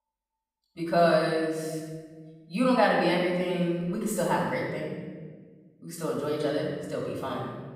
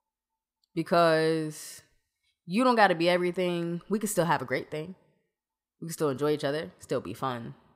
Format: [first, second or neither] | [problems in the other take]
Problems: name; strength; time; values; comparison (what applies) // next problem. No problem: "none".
second | off-mic speech; far // room echo; noticeable; dies away in 1.3 s